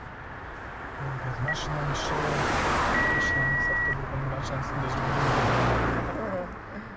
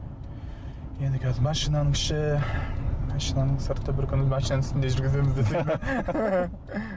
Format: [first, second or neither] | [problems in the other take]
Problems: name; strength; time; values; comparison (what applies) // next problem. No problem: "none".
second | background sound (Telephone + Car passing by); 5 dB above the speech